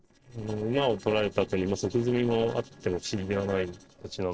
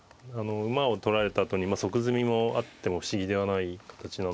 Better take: second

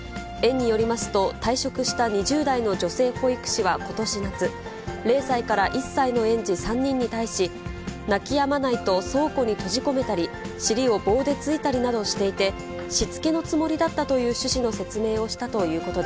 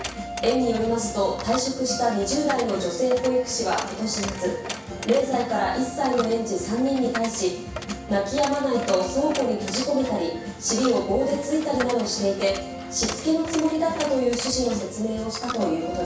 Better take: first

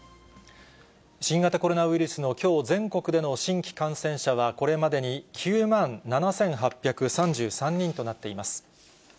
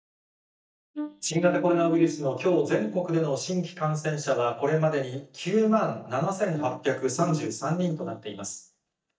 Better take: first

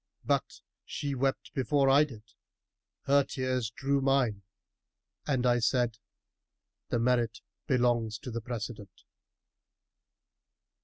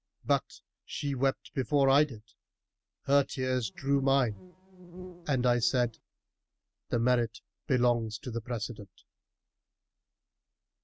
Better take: first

